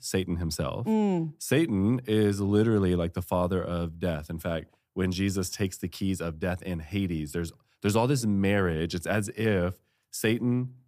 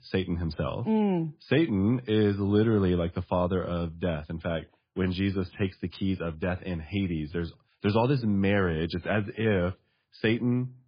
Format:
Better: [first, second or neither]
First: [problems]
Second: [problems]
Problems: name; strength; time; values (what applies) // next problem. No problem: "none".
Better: first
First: none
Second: garbled, watery; badly